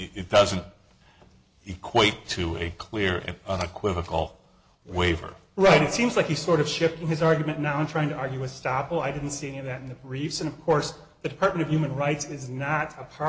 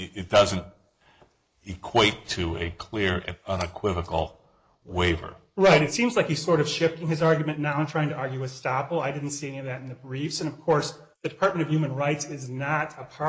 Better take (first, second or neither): first